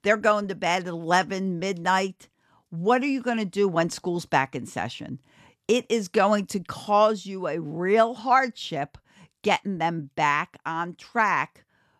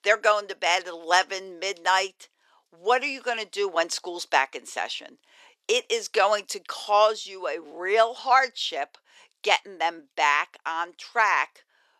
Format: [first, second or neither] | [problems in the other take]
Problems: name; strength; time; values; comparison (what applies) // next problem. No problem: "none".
first | thin; very; fading below 400 Hz